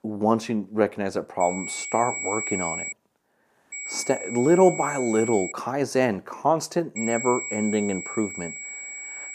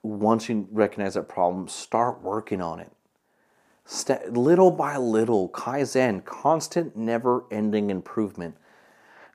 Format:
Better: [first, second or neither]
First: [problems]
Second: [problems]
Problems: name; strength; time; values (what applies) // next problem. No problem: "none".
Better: second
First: high-pitched whine; loud; from 1.5 to 3 s, from 3.5 to 5.5 s and from 7 s on; 2.5 kHz, 7 dB below the speech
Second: none